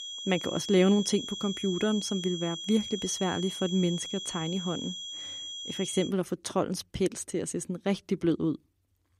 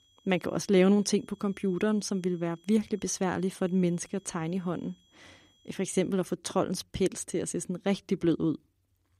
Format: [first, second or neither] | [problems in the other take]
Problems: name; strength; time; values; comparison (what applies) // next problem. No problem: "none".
second | high-pitched whine; loud; until 6 s; 3.5 kHz, 7 dB below the speech; faint in the second